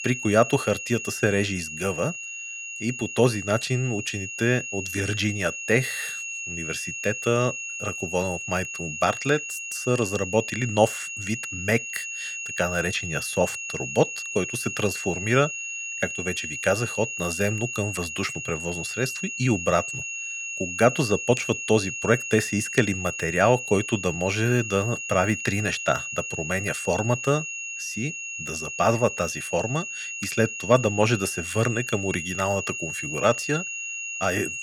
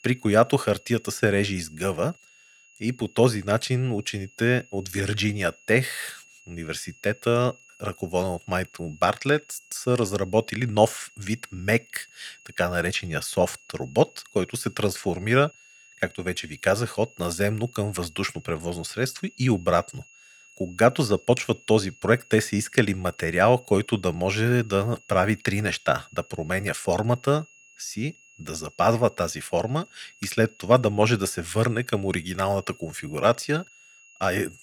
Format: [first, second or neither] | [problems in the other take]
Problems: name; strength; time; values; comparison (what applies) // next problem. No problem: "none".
second | high-pitched whine; loud; throughout; 2.5 kHz, 5 dB below the speech; faint in the second